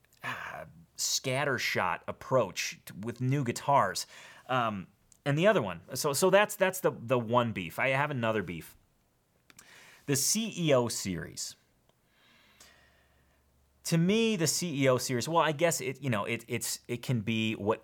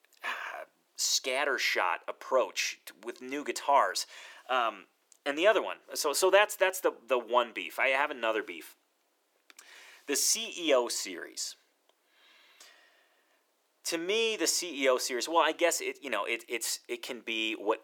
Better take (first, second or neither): first